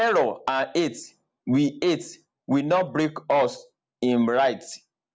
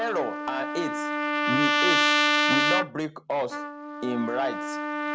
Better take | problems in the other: first | background sound (Trumpet); 5 dB above the speech

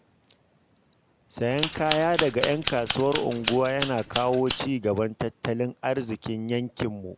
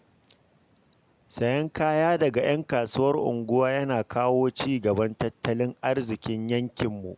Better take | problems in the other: second | background sound (Scissors); 5 dB below the speech

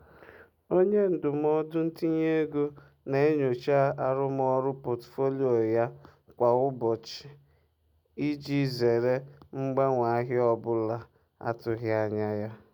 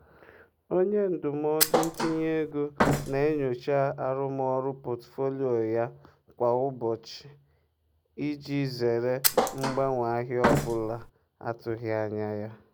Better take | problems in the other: first | background sound (Thump, thud); 1 dB above the speech

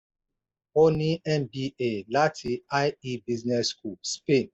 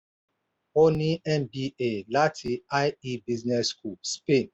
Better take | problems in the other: second | noise reduction (neural mask model Resemble Enhance denoiser)

